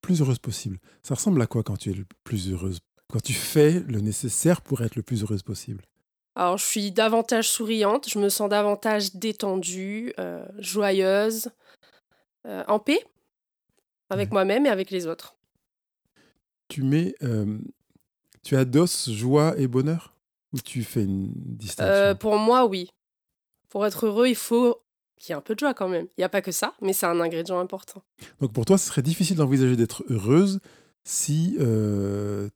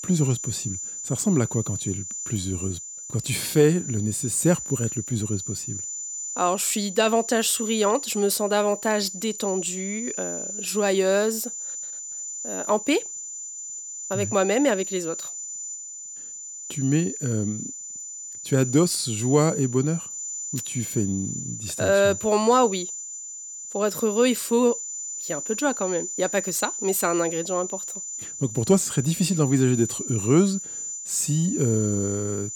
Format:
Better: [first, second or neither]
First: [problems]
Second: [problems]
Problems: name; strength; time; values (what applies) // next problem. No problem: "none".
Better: first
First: none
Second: high-pitched whine; loud; throughout; 7 kHz, 7 dB below the speech